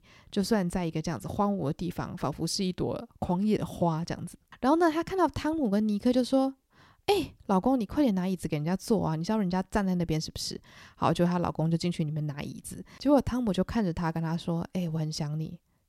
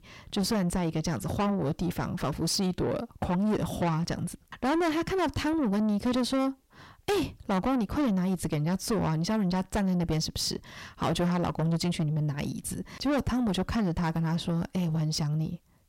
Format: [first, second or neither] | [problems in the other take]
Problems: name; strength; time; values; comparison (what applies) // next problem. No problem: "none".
first | distortion; heavy; 6 dB below the speech